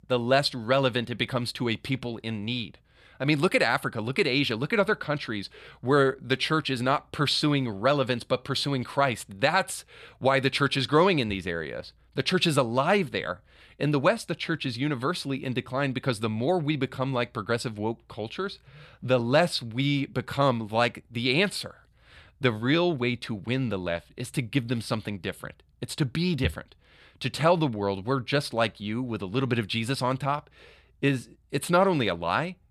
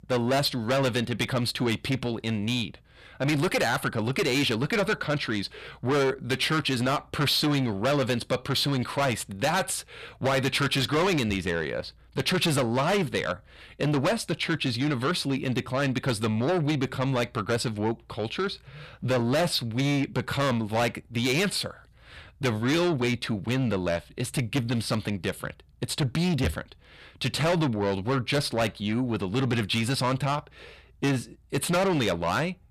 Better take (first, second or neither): first